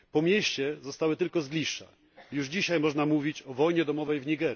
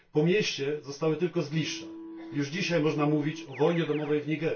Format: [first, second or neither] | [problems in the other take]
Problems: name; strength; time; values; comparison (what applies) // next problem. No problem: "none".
first | background sound (Keyboard (musical)); 17 dB below the speech // room echo; dies away in 0.2 s